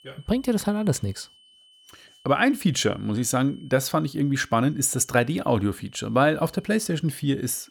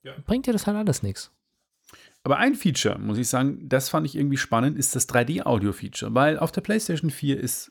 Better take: second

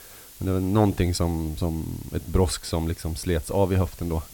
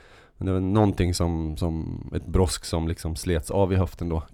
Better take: second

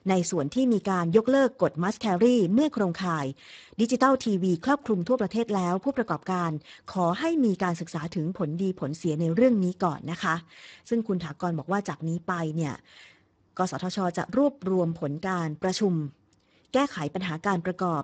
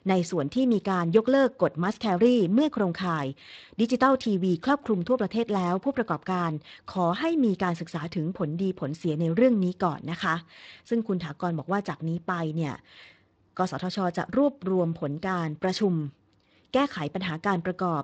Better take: second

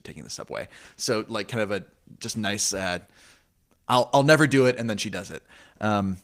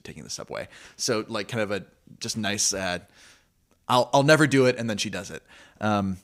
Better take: second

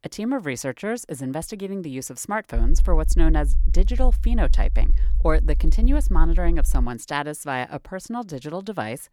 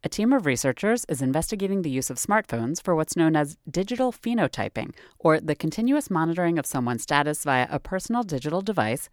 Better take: second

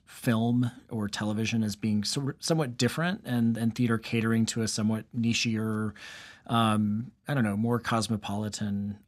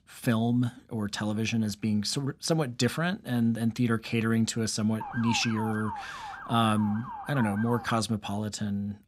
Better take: first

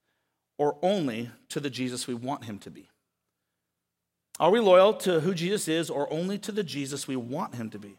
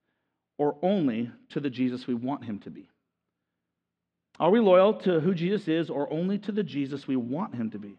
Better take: first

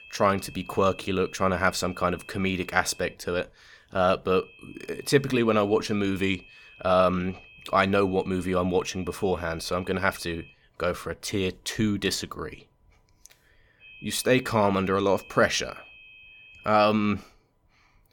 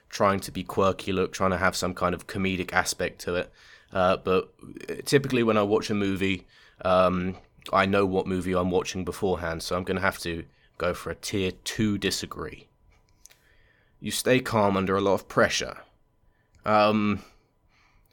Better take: second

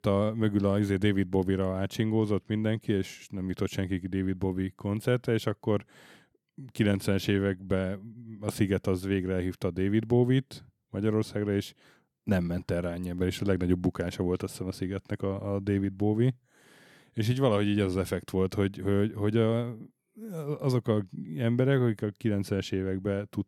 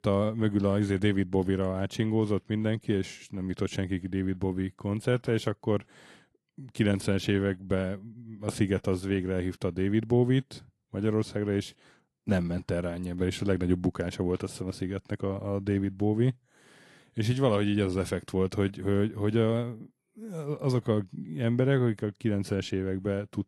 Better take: first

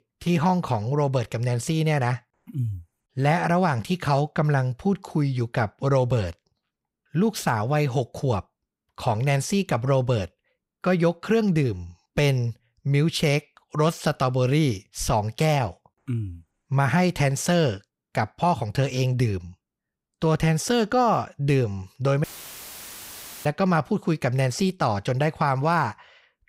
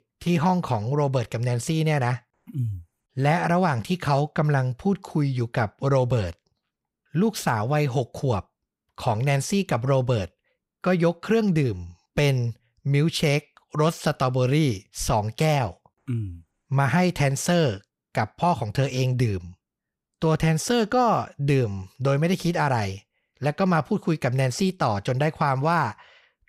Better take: second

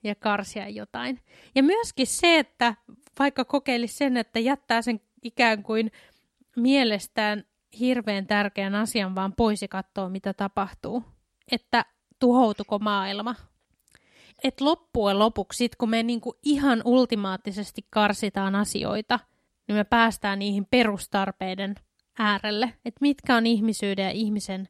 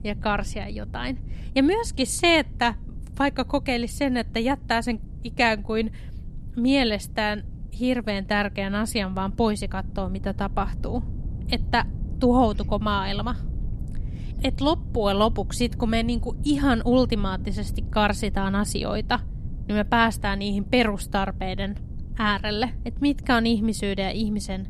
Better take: first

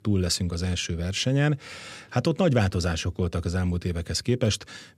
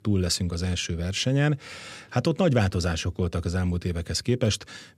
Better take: neither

